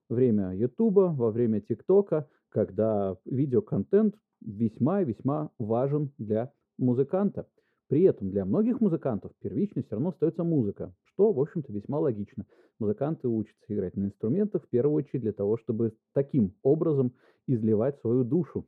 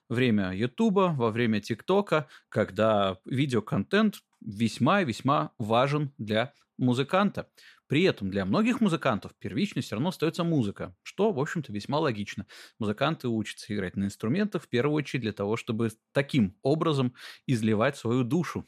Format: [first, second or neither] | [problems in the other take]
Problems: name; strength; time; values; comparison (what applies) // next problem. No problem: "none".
second | muffled; very; fading above 1.5 kHz